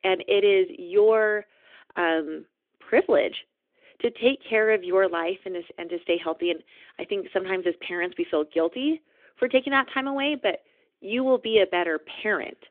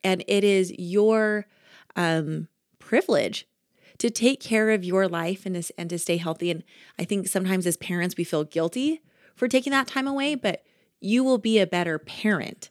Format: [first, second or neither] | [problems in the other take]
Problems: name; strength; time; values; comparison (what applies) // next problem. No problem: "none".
second | phone-call audio; nothing above 3.5 kHz